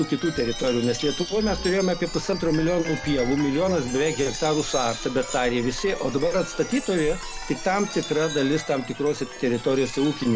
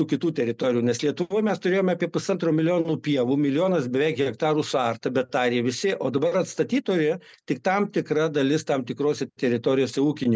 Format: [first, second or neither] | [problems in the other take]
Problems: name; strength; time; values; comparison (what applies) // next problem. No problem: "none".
second | background sound (Bird vocalization, bird call, bird song + Chime); 10 dB below the speech